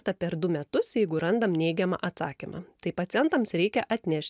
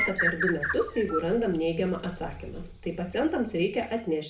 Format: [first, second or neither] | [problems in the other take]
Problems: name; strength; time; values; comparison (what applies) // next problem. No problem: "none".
first | background sound (Bird); 6 dB below the speech // room echo; dies away in 0.4 s